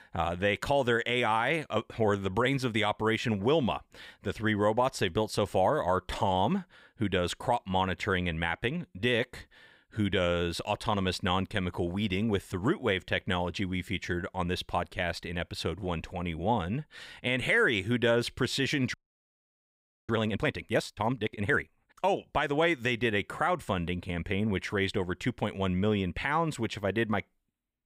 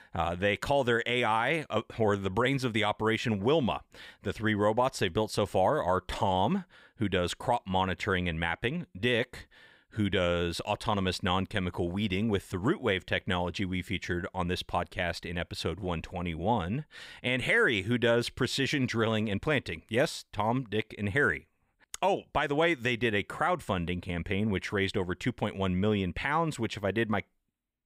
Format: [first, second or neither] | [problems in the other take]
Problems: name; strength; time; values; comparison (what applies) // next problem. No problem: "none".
second | audio freezing; at 19 s for 1 s